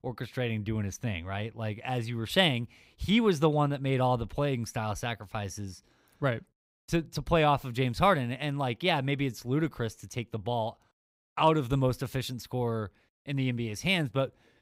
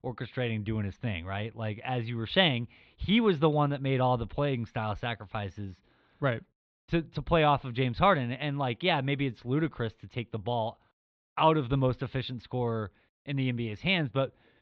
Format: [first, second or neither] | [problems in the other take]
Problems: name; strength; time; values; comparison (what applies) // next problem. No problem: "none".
first | muffled; slightly; fading above 4 kHz